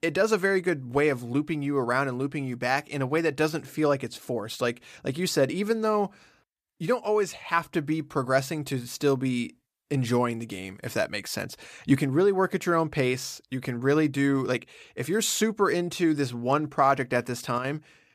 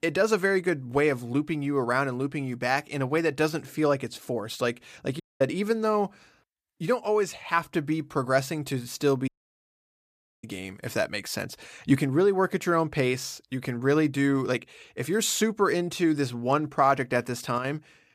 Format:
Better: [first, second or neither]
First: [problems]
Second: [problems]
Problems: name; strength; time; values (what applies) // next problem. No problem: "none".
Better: first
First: none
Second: audio cutting out; at 5 s and at 9.5 s for 1 s